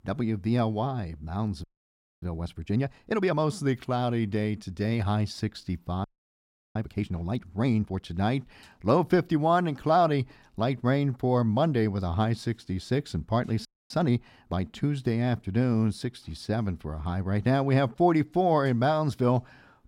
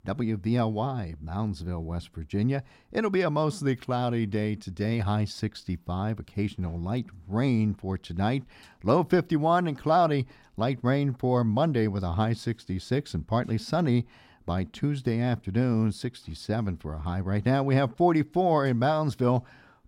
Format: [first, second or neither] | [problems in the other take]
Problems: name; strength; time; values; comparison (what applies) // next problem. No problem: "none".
second | audio freezing; at 1.5 s for 0.5 s, at 6 s for 0.5 s and at 14 s